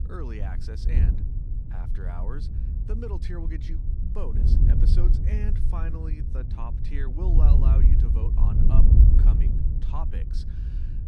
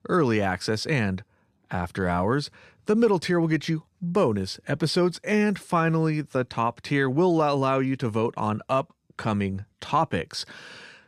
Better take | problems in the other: second | wind noise on the microphone; heavy; as loud as the speech

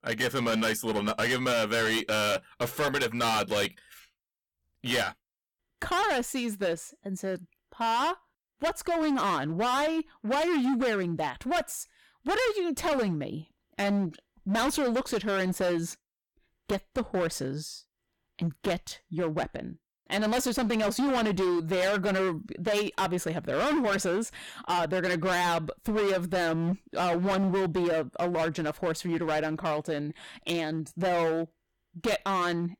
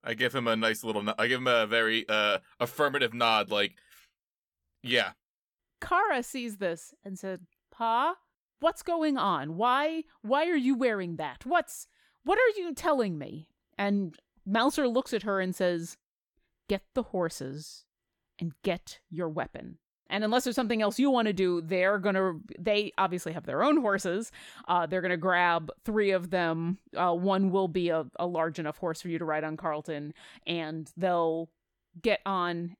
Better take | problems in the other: second | distortion; heavy; 19% of the sound clipped

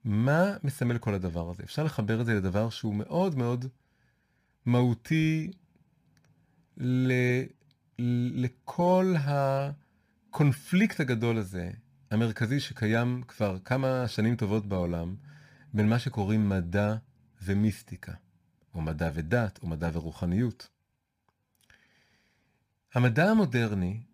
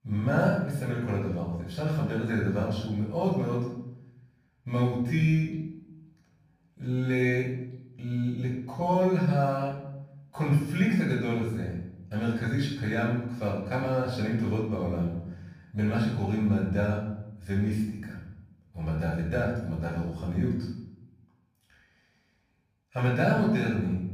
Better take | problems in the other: first | off-mic speech; far // room echo; noticeable; dies away in 0.7 s

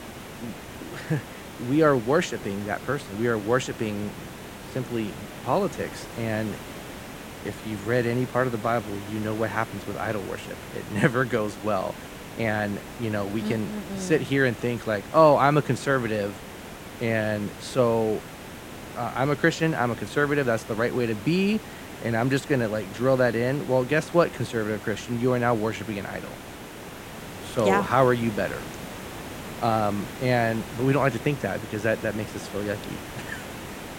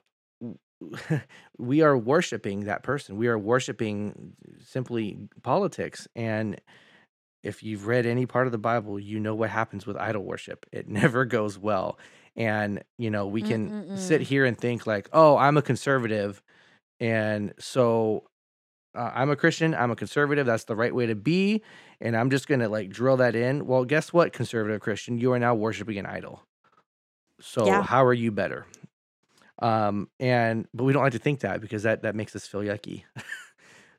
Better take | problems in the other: second | hiss; noticeable; throughout; 15 dB below the speech

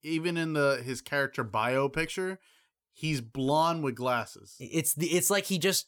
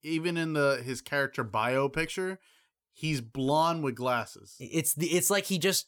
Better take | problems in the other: neither | none

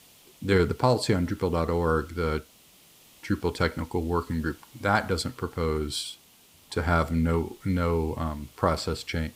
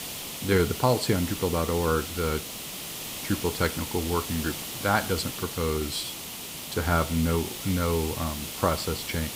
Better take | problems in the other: first | hiss; loud; throughout; 6 dB below the speech; faint in the first

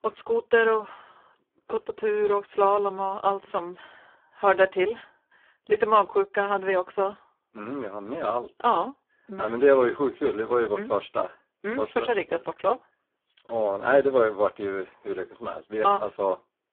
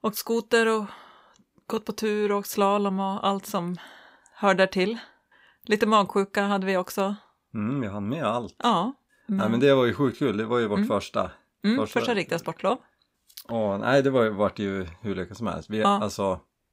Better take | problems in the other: second | phone-call audio; poor line

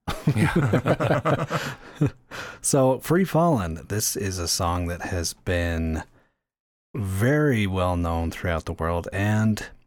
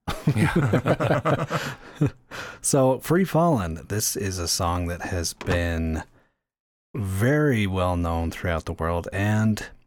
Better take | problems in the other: first | door banging; noticeable; at 5.5 s; peak 10 dB below the speech

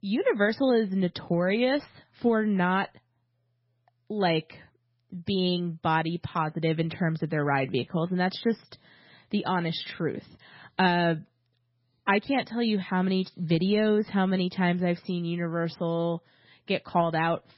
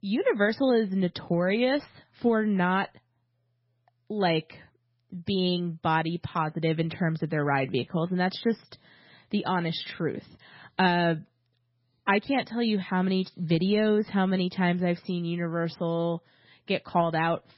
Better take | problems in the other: neither | garbled, watery; badly; nothing above 5.5 kHz; the same in both

